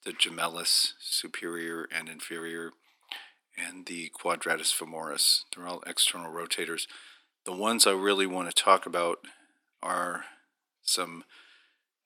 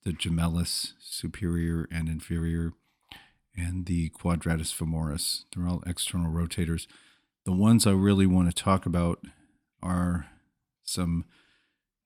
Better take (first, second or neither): second